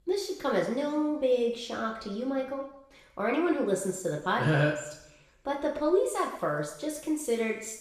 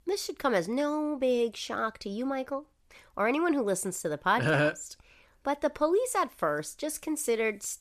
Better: second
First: room echo; noticeable; dies away in 0.8 s // off-mic speech; far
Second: none

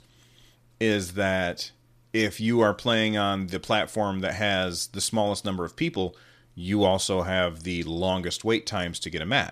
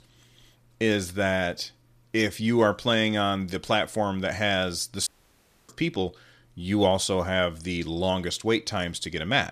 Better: first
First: none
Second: audio cutting out; at 5 s for 0.5 s

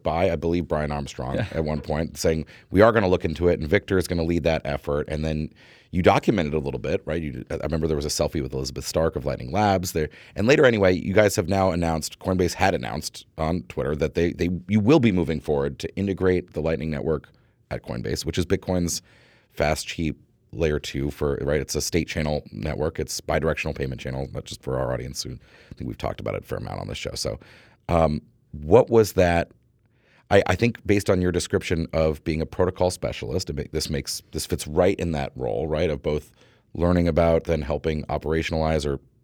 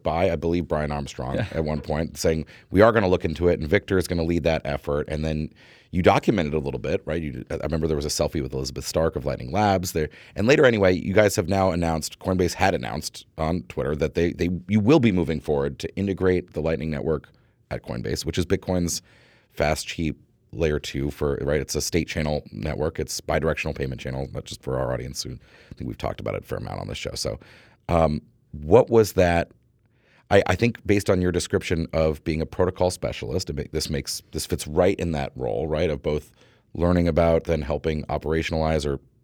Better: neither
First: none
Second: none

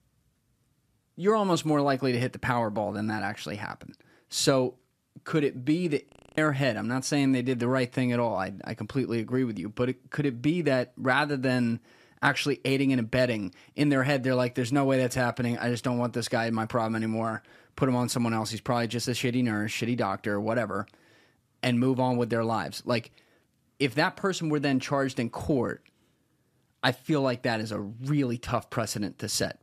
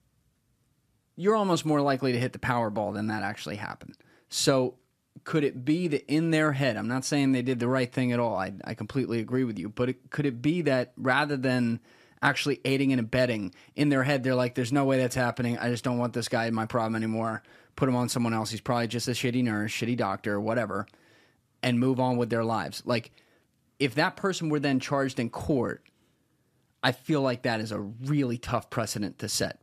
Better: second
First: audio freezing; at 6 s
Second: none

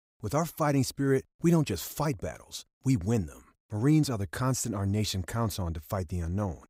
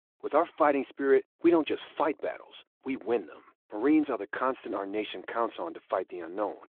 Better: first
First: none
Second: phone-call audio; nothing above 3.5 kHz

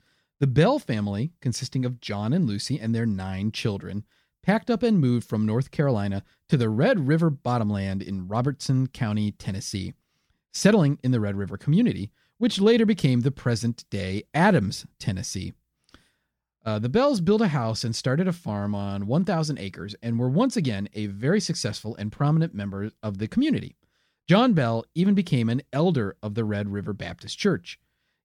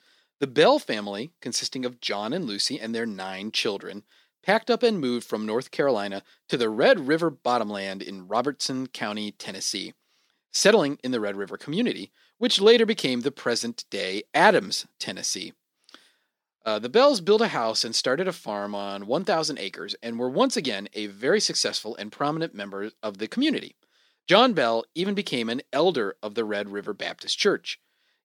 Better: first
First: none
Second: thin; somewhat; fading below 300 Hz

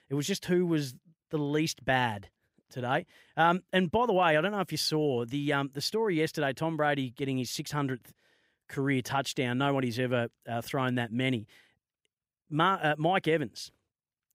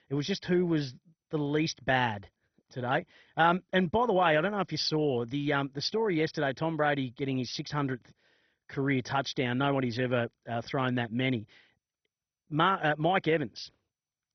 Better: first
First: none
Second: garbled, watery; badly; nothing above 6 kHz

